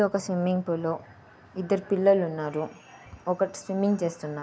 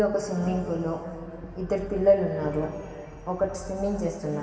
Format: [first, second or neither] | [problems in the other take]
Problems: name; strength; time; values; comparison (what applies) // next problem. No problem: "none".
first | background sound (Brass instrument); 15 dB below the speech // room echo; dies away in 2.4 s